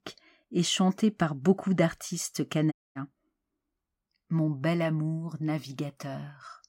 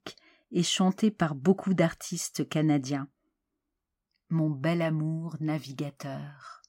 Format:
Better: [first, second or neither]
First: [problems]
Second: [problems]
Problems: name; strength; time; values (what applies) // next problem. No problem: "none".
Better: second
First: audio cutting out; at 2.5 s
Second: none